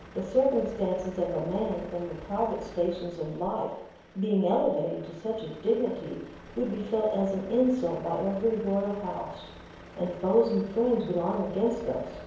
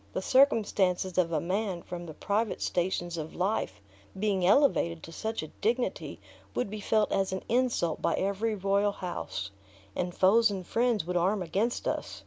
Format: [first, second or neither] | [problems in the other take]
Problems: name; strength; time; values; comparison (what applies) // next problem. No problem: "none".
second | background sound (Truck); 18 dB below the speech // room echo; dies away in 1 s